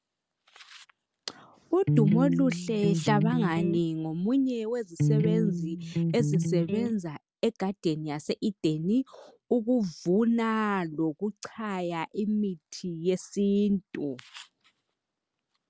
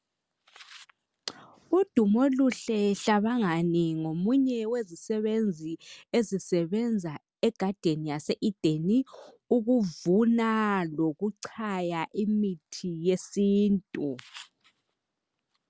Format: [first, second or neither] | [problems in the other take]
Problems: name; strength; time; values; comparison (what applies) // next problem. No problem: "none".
second | background sound (Electric guitar); 2 dB above the speech